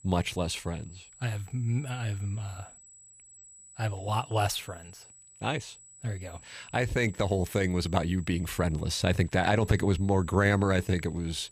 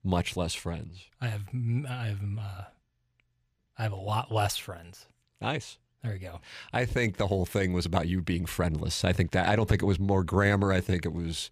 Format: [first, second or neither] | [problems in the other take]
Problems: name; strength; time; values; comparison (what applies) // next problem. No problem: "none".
second | high-pitched whine; faint; throughout; 8 kHz, 20 dB below the speech